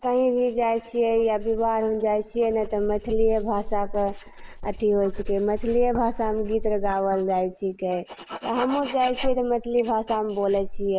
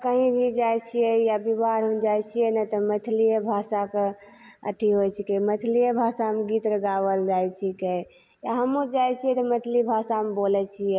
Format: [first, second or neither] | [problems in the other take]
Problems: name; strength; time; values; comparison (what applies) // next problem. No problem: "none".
second | noise reduction (neural mask model Resemble Enhance denoiser)